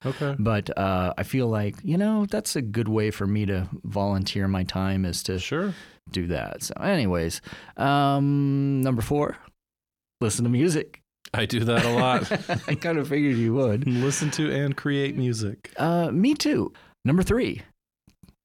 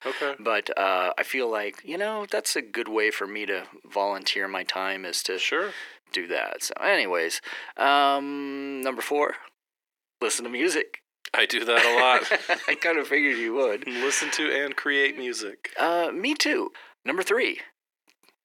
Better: first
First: none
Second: thin; very; fading below 350 Hz

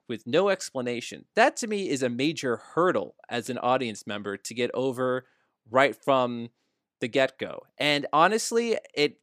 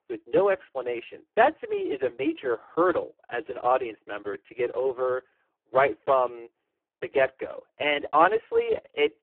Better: first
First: none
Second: phone-call audio; poor line

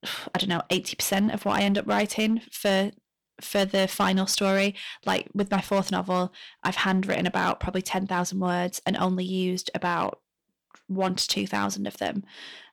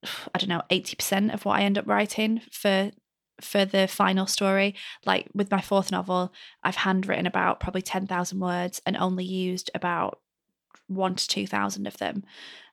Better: second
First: distortion; slight; 5% of the sound clipped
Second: none

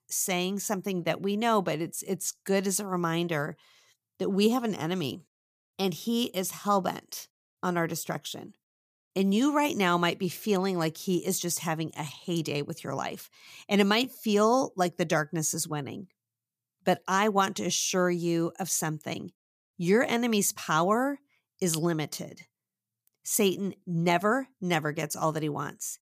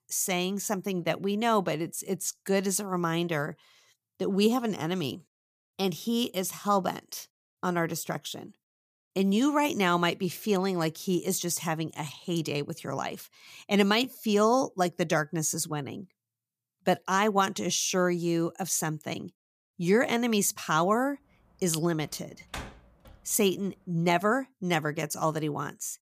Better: first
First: none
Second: door banging; faint; from 22 to 23 s; peak 10 dB below the speech

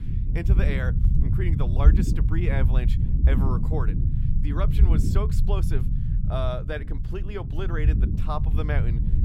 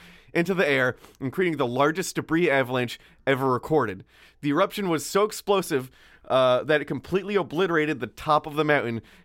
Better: second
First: low rumble; loud; throughout; 4 dB below the speech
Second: none

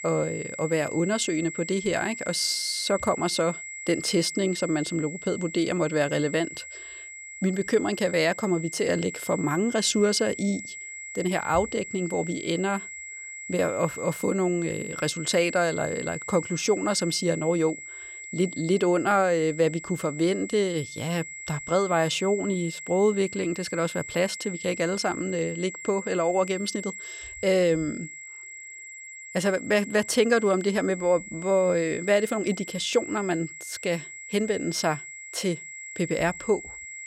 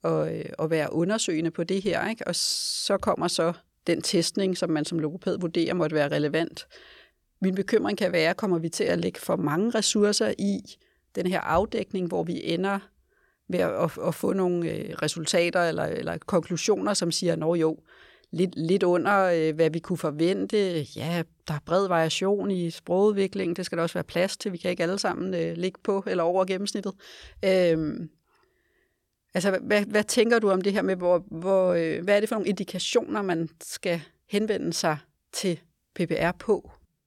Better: second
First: high-pitched whine; noticeable; throughout; 2 kHz, 10 dB below the speech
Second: none

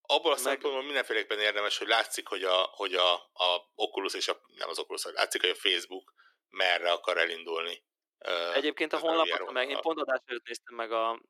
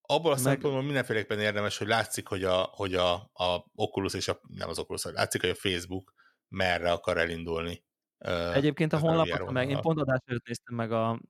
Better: second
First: thin; very; fading below 350 Hz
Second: none

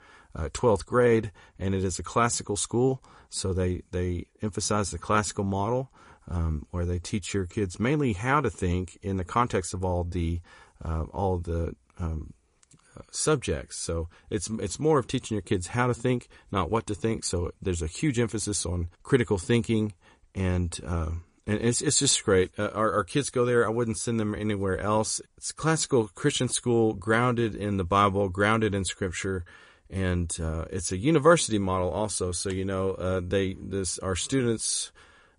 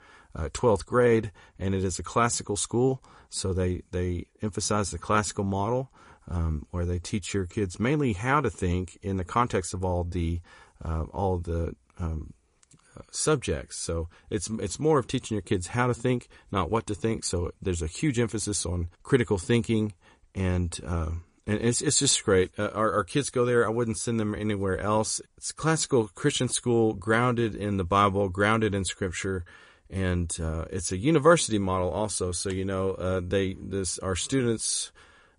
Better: neither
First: garbled, watery; slightly; nothing above 10.5 kHz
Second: garbled, watery; slightly; nothing above 10.5 kHz

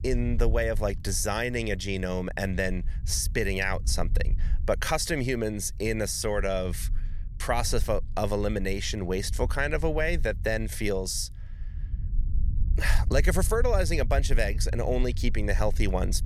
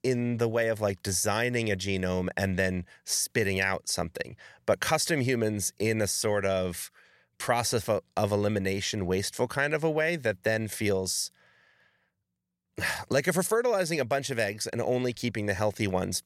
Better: second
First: low rumble; faint; throughout; 20 dB below the speech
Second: none

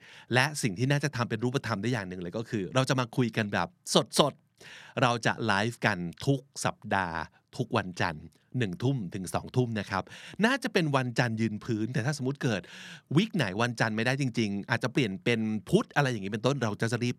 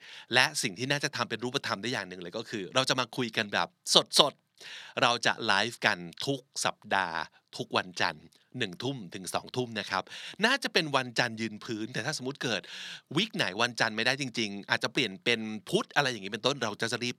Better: first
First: none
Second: thin; somewhat; fading below 950 Hz

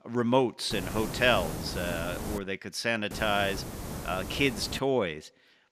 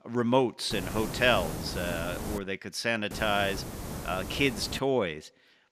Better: neither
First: hiss; loud; from 0.5 to 2.5 s and from 3 to 5 s; 9 dB below the speech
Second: hiss; loud; from 0.5 to 2.5 s and from 3 to 5 s; 9 dB below the speech

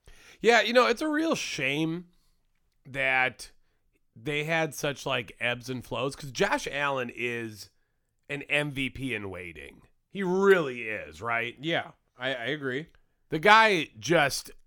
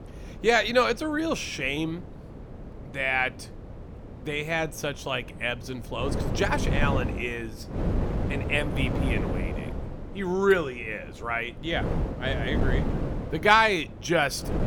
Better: first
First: none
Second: wind noise on the microphone; occasional gusts; 15 dB below the speech

